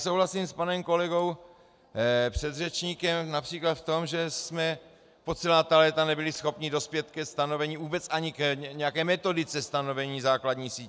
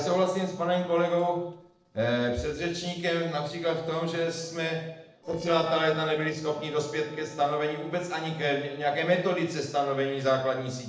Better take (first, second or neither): first